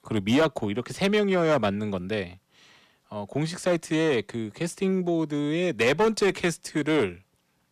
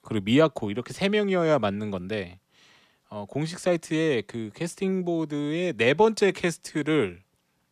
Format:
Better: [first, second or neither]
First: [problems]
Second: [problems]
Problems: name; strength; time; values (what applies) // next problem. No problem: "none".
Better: second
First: distortion; slight; 5% of the sound clipped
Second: none